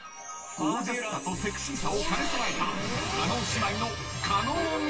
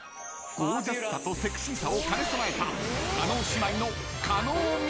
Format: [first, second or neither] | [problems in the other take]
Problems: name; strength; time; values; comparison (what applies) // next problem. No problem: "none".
second | room echo; dies away in 0.1 s